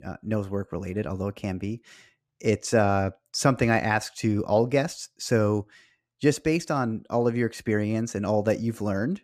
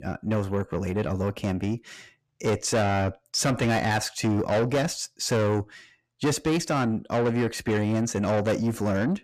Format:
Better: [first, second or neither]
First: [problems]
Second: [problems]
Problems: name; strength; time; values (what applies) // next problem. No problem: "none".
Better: first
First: none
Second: distortion; heavy; 7 dB below the speech